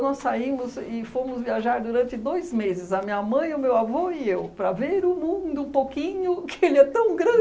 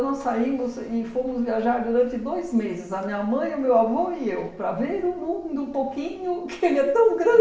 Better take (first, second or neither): first